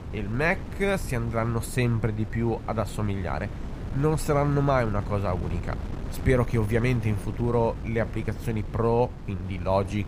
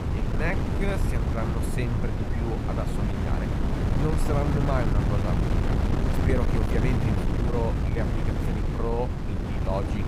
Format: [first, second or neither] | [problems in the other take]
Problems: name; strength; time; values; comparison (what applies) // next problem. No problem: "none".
first | wind noise on the microphone; heavy; as loud as the speech; occasional gusts in the first